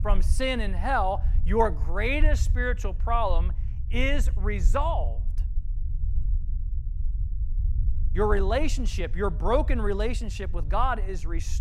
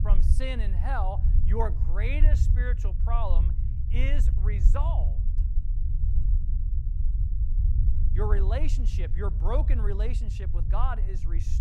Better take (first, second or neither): first